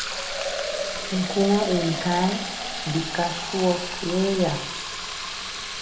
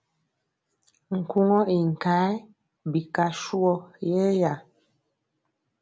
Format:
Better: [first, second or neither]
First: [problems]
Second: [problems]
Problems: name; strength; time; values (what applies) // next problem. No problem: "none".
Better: second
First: background sound (Fill (with liquid)); 4 dB below the speech // room echo; dies away in 0.9 s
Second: none